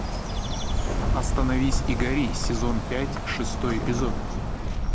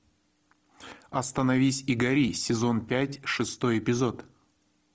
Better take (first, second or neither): second